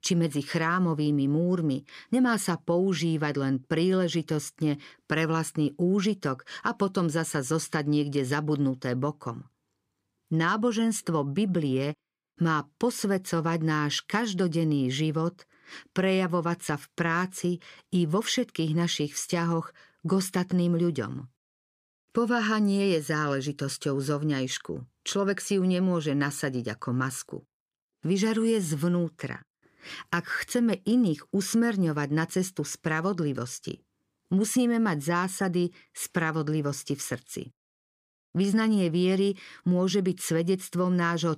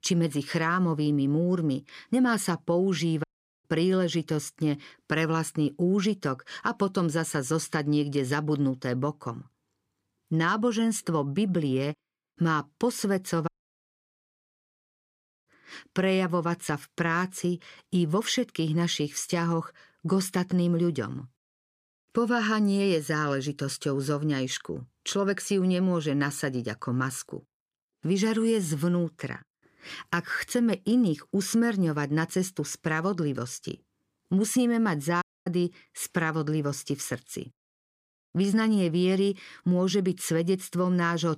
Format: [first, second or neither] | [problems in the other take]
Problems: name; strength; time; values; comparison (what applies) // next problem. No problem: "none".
first | audio cutting out; at 3 s, at 13 s for 2 s and at 35 s